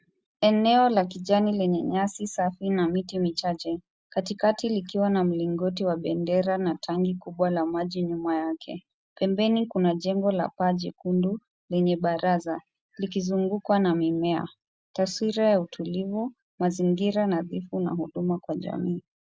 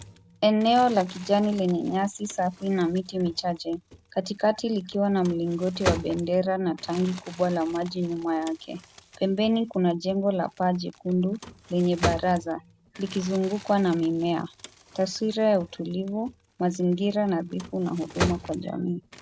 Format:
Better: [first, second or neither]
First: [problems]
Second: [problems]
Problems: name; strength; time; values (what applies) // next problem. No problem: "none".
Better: first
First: none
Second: background sound (Crumpling, crinkling); 13 dB below the speech